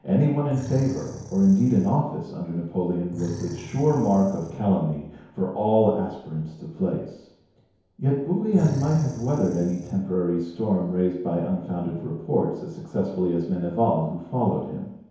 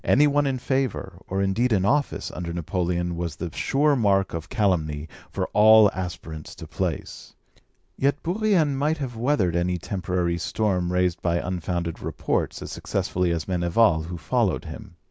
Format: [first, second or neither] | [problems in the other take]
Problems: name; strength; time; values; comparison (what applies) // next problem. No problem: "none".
second | background sound (Animal); 15 dB below the speech // room echo; dies away in 1 s